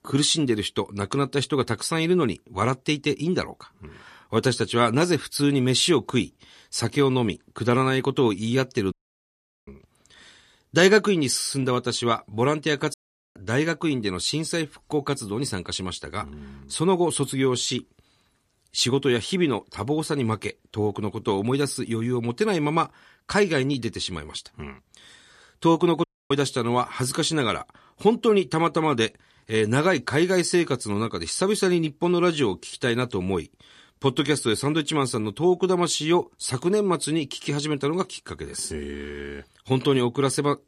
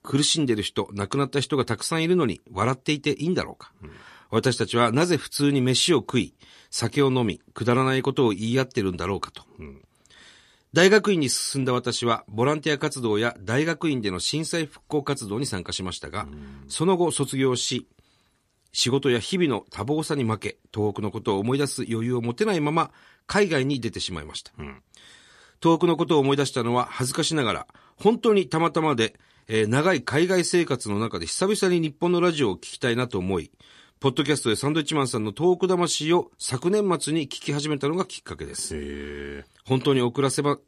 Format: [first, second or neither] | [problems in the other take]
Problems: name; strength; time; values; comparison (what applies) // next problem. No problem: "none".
second | audio cutting out; at 9 s for 1 s, at 13 s and at 26 s